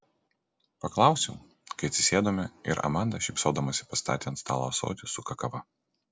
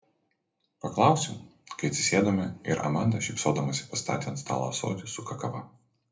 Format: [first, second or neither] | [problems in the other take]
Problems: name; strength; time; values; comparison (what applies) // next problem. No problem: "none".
first | room echo; dies away in 0.3 s